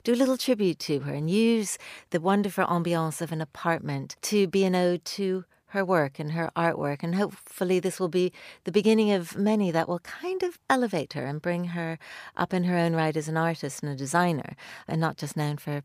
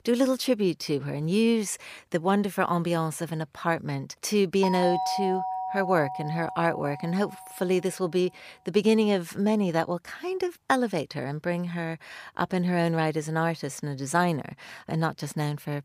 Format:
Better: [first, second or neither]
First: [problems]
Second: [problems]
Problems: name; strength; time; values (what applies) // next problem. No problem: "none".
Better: first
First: none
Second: doorbell; noticeable; from 4.5 to 7.5 s; peak 1 dB below the speech